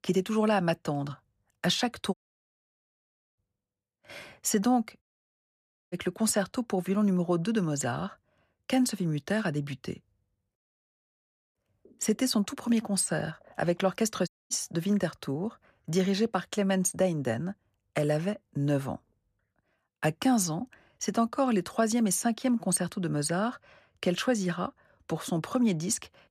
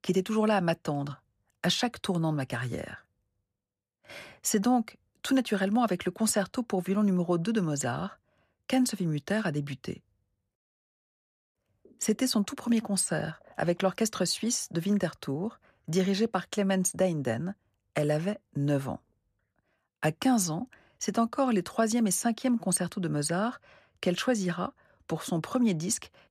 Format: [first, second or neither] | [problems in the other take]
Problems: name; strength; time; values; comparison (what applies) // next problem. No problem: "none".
second | audio cutting out; at 2 s for 1 s, at 5 s for 1 s and at 14 s